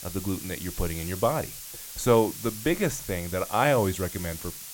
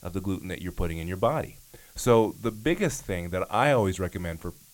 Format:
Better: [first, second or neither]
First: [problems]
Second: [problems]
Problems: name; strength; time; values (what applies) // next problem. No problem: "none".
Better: second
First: hiss; loud; throughout; 10 dB below the speech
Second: hiss; faint; throughout; 25 dB below the speech